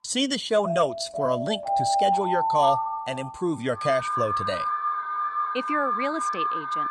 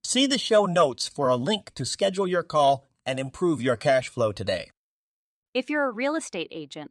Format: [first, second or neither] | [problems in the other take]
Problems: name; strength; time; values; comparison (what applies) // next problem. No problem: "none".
second | alarms or sirens; very loud; throughout; 1 dB above the speech